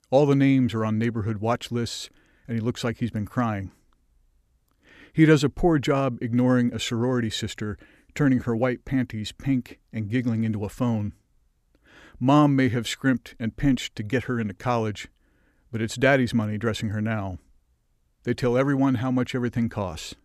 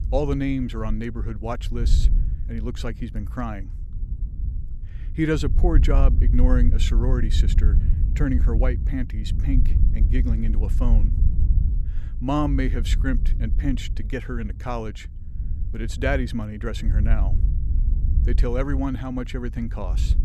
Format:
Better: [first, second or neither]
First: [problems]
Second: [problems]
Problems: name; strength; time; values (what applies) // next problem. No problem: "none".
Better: first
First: none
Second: wind noise on the microphone; occasional gusts; 10 dB below the speech